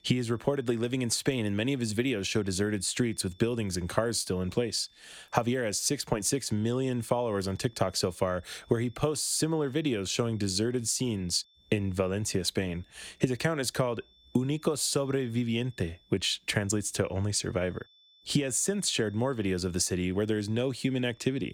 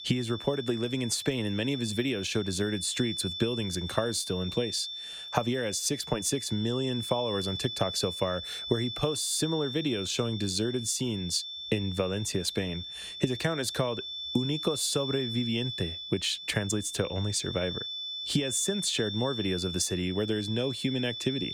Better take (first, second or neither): first